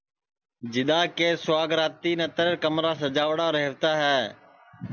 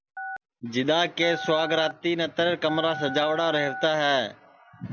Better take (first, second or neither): first